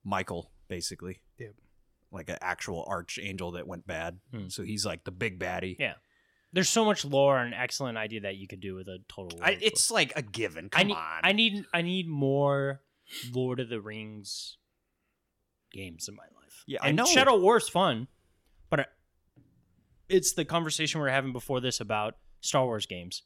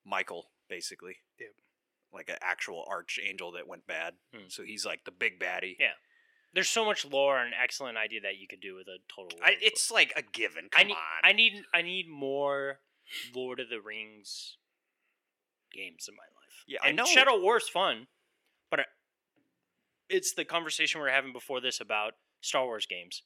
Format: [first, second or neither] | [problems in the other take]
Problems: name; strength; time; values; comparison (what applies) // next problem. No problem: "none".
first | thin; somewhat; fading below 400 Hz